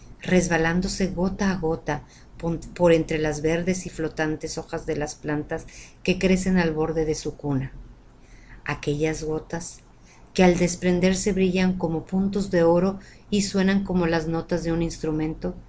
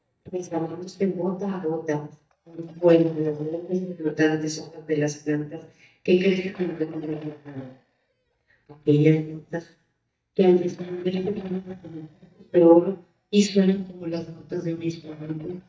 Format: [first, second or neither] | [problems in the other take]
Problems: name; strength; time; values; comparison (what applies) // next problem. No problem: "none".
first | noise reduction (neural mask model DeepFilterNet 3)